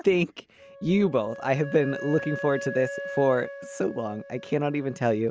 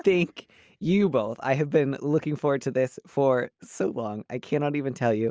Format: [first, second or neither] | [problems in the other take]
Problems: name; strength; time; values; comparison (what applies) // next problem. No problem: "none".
second | background sound (Wind instrument, woodwind instrument); 13 dB below the speech